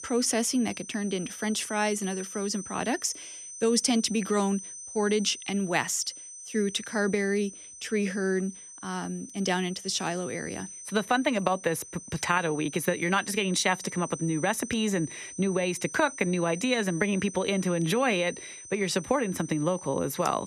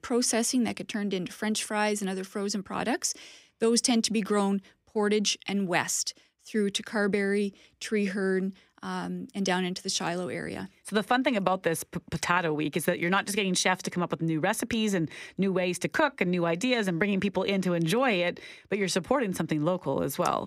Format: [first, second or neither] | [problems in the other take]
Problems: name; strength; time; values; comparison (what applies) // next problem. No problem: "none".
second | high-pitched whine; noticeable; throughout; 6 kHz, 10 dB below the speech